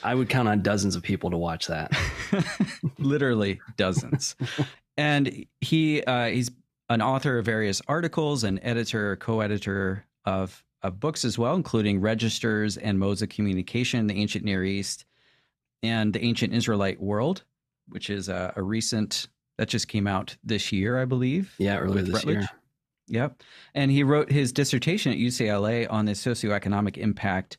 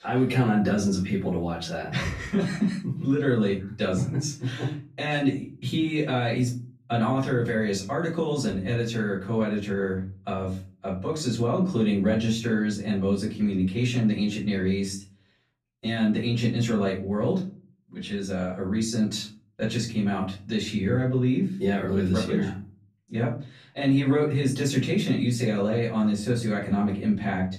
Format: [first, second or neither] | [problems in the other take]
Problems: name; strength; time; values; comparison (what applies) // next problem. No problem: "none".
first | off-mic speech; far // room echo; slight; dies away in 0.4 s